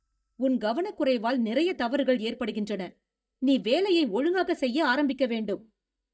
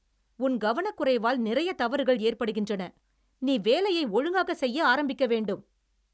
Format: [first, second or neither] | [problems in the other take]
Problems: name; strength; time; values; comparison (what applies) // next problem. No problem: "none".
second | noise reduction (neural mask model DeepFilterNet 3)